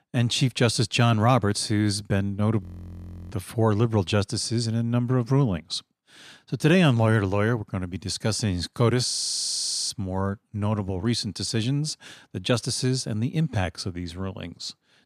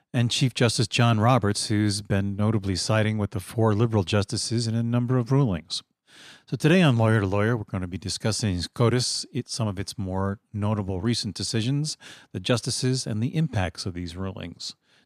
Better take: second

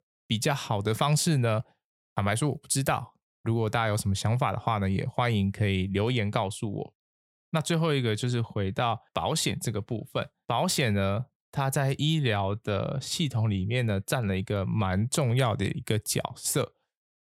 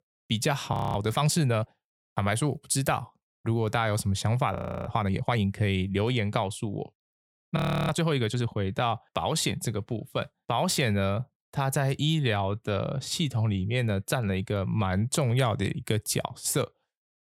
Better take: first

